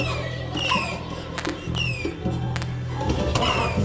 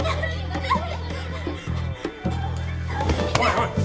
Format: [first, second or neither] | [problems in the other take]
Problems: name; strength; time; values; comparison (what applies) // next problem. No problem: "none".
second | background sound (Fireworks); 8 dB below the speech // room echo; dies away in 1.8 s